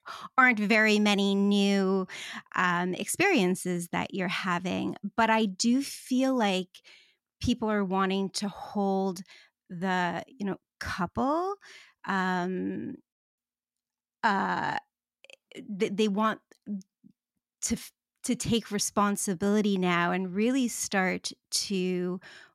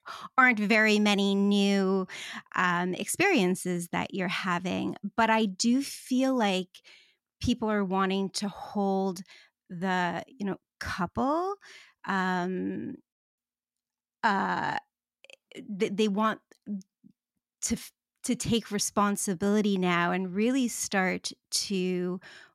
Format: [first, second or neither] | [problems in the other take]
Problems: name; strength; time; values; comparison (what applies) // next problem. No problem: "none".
neither | none